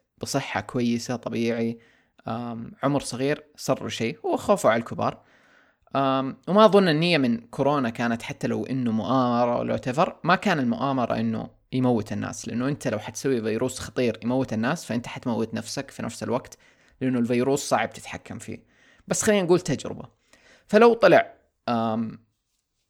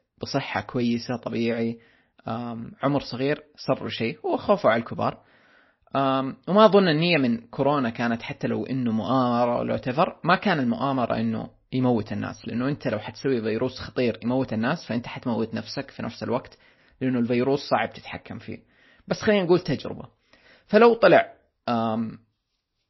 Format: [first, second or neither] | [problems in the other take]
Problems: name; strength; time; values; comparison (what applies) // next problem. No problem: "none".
first | garbled, watery; slightly; nothing above 5.5 kHz